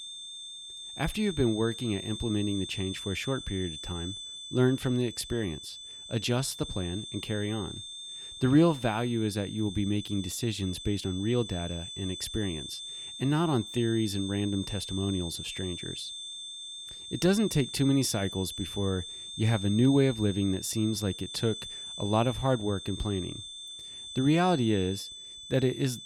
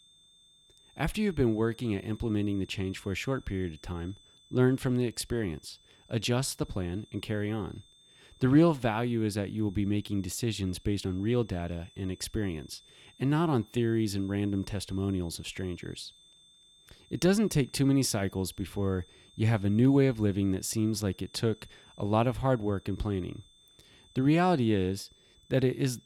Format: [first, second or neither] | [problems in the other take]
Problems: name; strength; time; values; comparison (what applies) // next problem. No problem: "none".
second | high-pitched whine; loud; throughout; 3.5 kHz, 9 dB below the speech; faint in the second